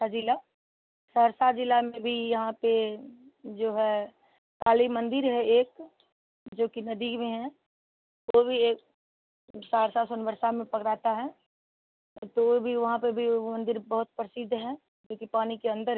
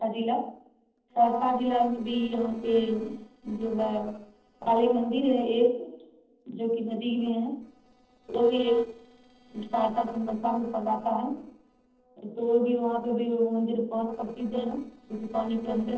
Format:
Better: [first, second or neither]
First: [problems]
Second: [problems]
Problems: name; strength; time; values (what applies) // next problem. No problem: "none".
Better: first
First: none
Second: noise reduction (neural separator model SepFormer DNS4)